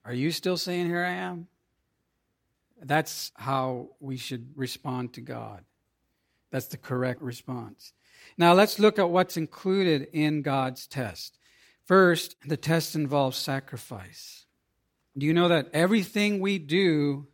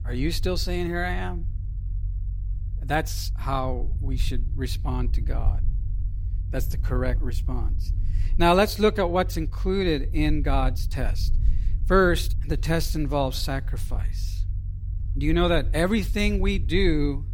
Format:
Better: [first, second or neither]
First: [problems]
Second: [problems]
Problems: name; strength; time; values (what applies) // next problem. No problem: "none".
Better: first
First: none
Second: low rumble; faint; throughout; 25 dB below the speech